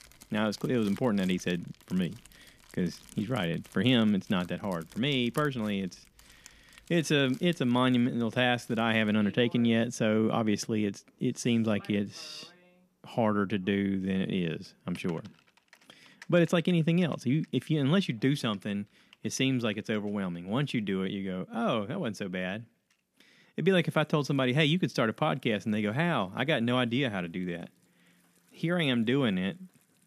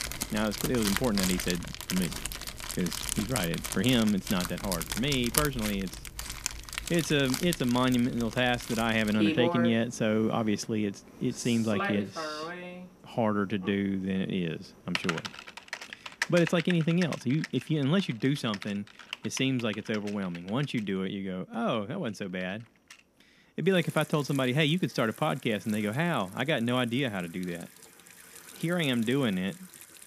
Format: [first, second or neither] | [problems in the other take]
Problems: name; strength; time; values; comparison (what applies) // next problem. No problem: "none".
first | household noises; loud; throughout; 6 dB below the speech; faint in the first